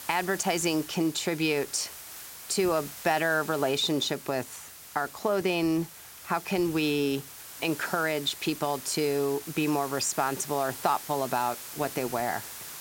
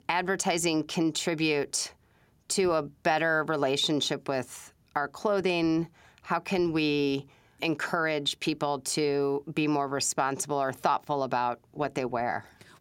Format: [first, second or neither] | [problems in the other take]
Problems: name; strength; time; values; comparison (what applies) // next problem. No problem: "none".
second | hiss; noticeable; throughout; 10 dB below the speech